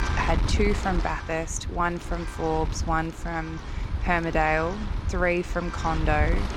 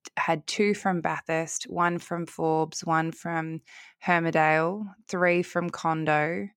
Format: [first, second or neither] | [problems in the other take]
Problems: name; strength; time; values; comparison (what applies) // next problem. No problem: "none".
second | wind noise on the microphone; occasional gusts; 10 dB below the speech